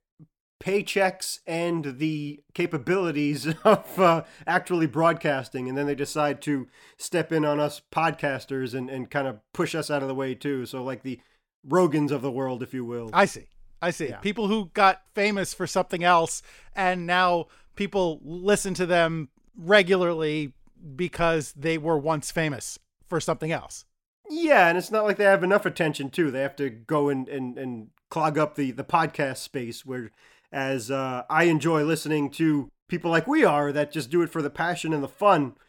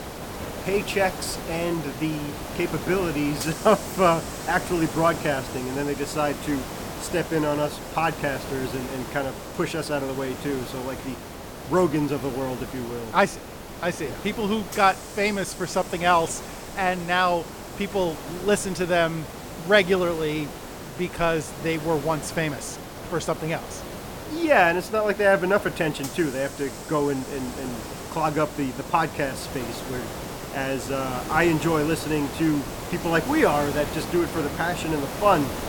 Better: first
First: none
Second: hiss; loud; throughout; 9 dB below the speech

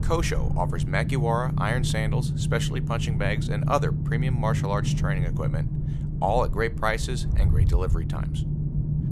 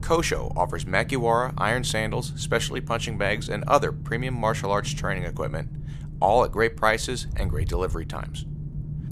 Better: second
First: low rumble; loud; throughout; 9 dB below the speech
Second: low rumble; faint; throughout; 20 dB below the speech

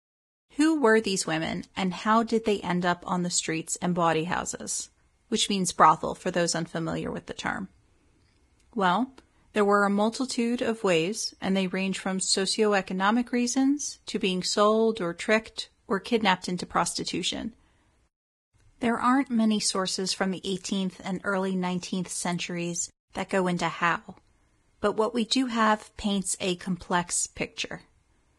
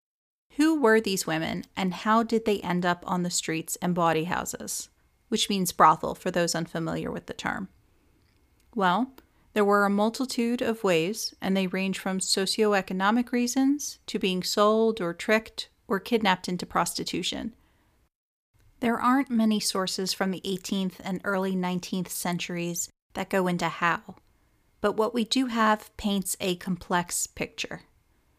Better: second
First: garbled, watery; badly; nothing above 10 kHz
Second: none

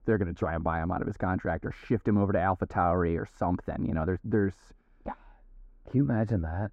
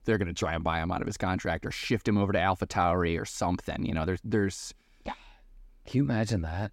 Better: second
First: muffled; very; fading above 2 kHz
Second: none

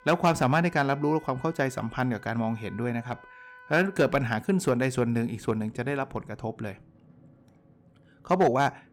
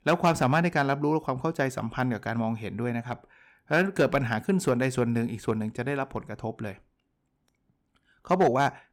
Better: second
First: background music; faint; throughout; 25 dB below the speech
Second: none

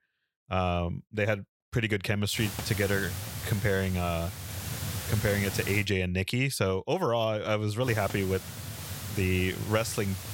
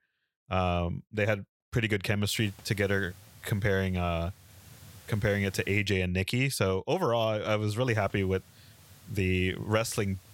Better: second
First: hiss; loud; from 2.5 to 6 s and from 8 s on; 8 dB below the speech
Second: hiss; faint; from 2.5 to 6 s and from 8 s on; 25 dB below the speech

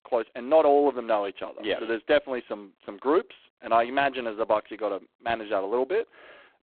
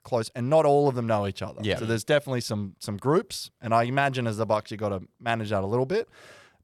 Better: second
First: phone-call audio; poor line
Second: none

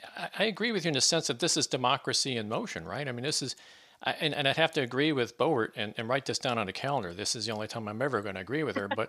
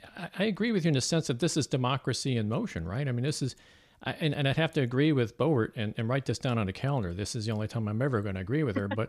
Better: second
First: thin; somewhat; fading below 1 kHz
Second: none

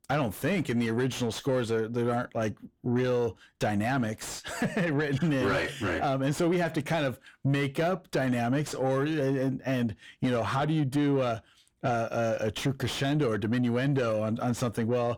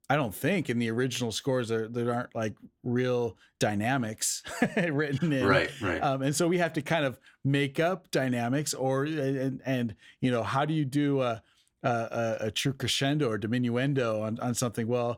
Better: second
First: distortion; slight; 10 dB below the speech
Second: none

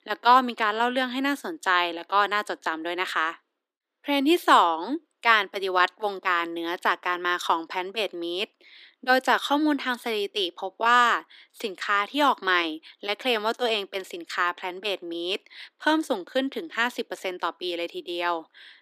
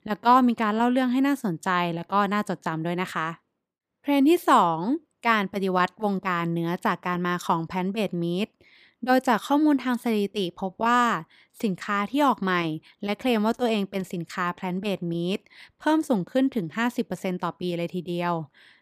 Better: second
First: thin; somewhat; fading below 300 Hz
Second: none

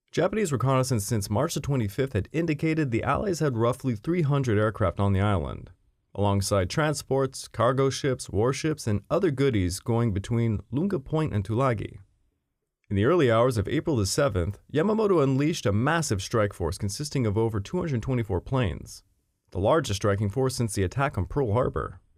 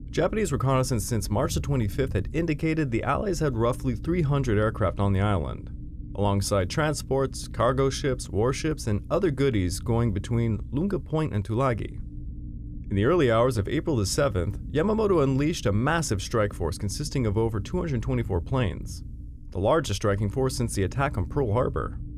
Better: first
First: none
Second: low rumble; faint; throughout; 25 dB below the speech

